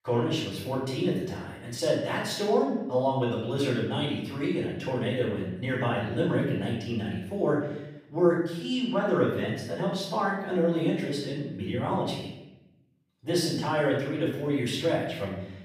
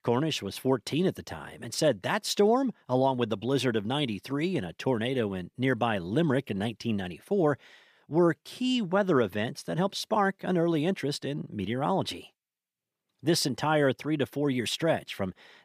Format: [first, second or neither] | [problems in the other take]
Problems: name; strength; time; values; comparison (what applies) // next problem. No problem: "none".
second | off-mic speech; far // room echo; noticeable; dies away in 0.8 s